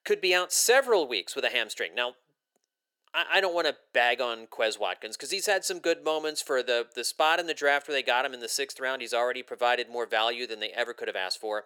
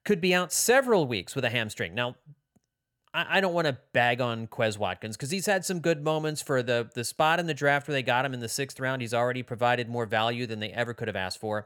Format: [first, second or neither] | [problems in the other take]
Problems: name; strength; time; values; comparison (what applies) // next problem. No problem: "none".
second | thin; very; fading below 350 Hz